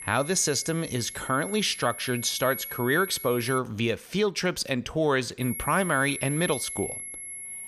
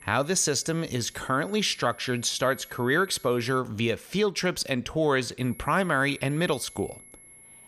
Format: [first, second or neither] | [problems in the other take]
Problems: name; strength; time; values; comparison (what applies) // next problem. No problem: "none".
second | high-pitched whine; loud; until 3.5 s and from 5.5 s on; 11 kHz, 8 dB below the speech; faint in the second